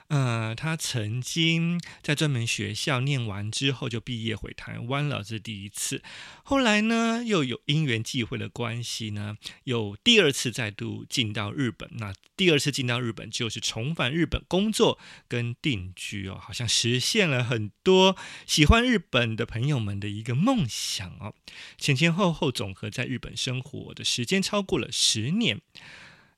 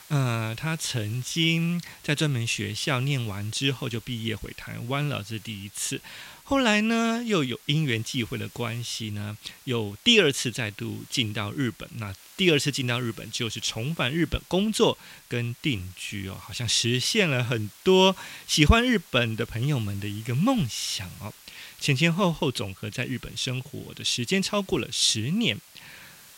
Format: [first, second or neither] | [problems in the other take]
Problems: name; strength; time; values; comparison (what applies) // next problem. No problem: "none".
first | hiss; faint; throughout; 20 dB below the speech